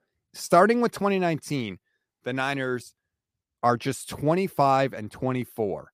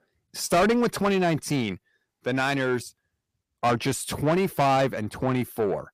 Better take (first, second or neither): first